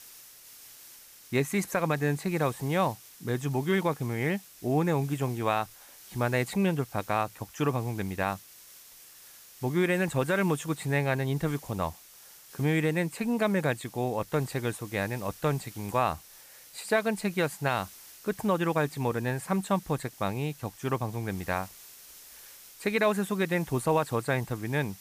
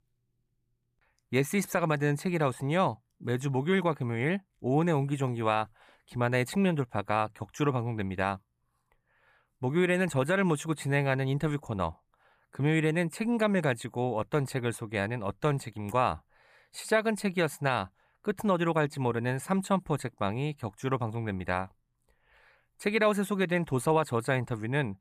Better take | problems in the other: second | hiss; noticeable; throughout; 20 dB below the speech

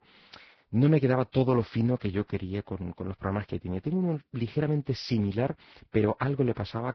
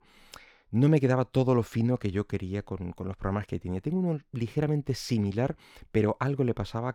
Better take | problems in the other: second | garbled, watery; badly; nothing above 5.5 kHz

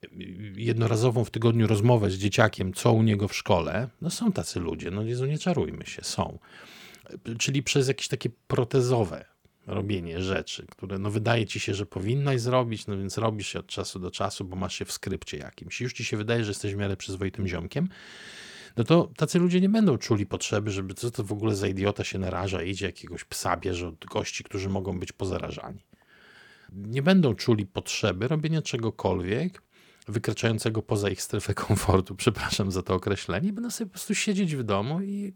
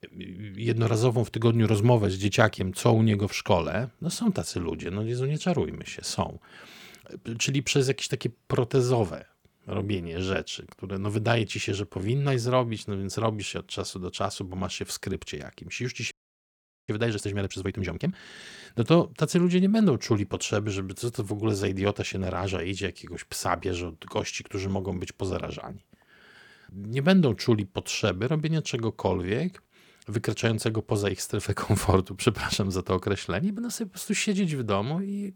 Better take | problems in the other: first | audio freezing; at 16 s for 1 s

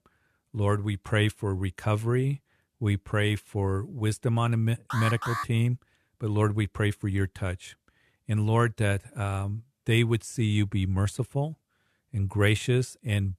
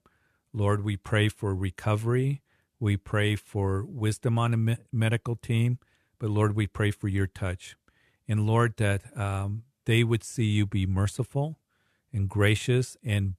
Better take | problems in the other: second | alarm; noticeable; at 5 s; peak 4 dB below the speech

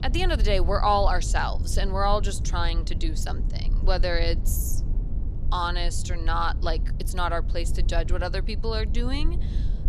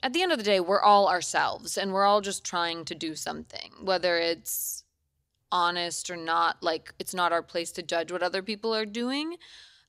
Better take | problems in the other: second | low rumble; noticeable; throughout; 20 dB below the speech

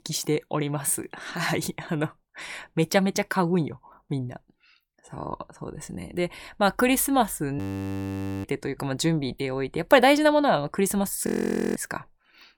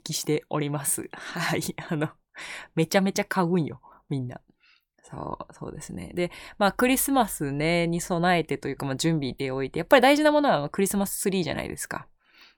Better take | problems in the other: second | audio freezing; at 7.5 s for 1 s and at 11 s

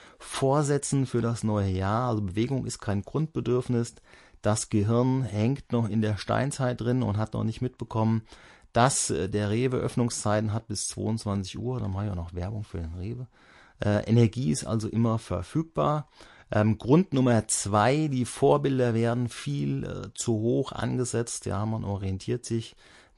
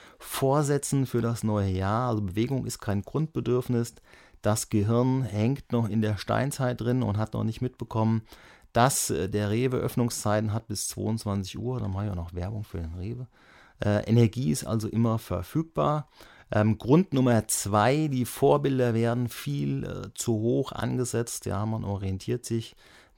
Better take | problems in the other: second | garbled, watery; slightly; nothing above 11 kHz

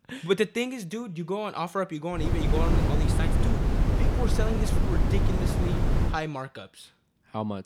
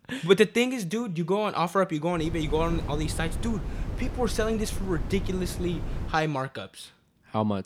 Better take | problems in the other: second | wind noise on the microphone; heavy; from 2 to 6 s; 2 dB below the speech; occasional gusts in the second

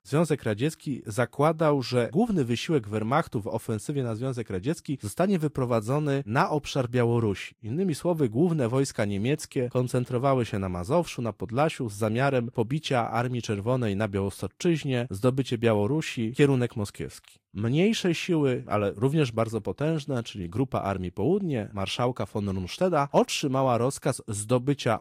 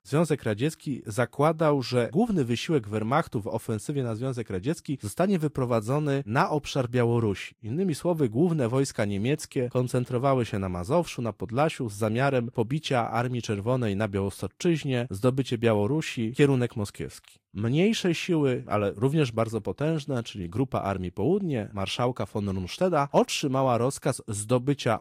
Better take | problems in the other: neither | garbled, watery; slightly; nothing above 15 kHz; the same in both

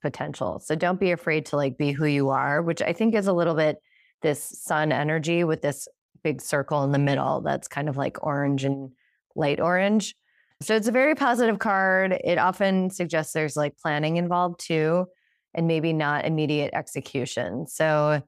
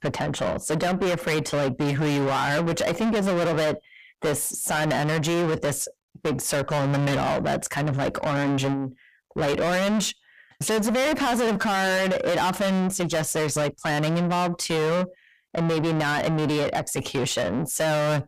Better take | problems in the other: first | distortion; heavy; 5 dB below the speech

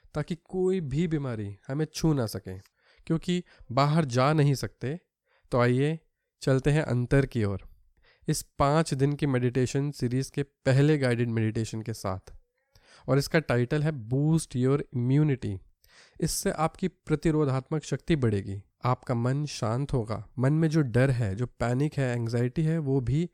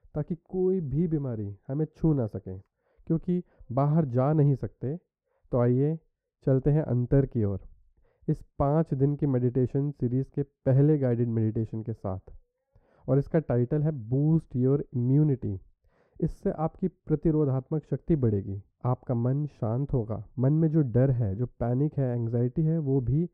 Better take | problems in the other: first | muffled; very; fading above 2 kHz

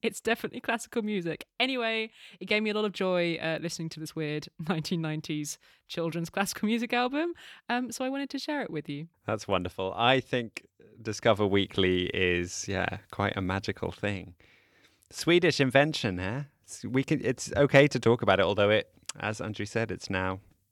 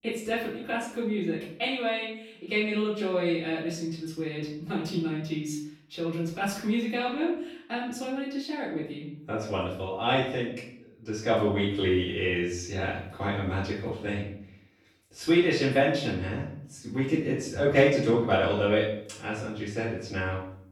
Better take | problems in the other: first | off-mic speech; far // room echo; noticeable; dies away in 0.6 s

